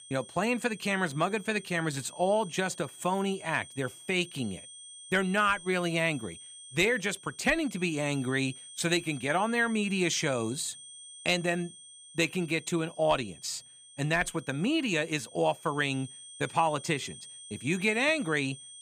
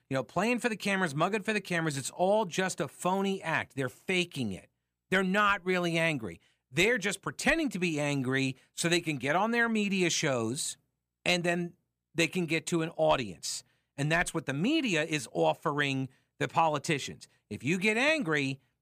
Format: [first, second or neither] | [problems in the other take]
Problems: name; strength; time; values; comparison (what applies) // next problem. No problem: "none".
second | high-pitched whine; noticeable; throughout; 8.5 kHz, 15 dB below the speech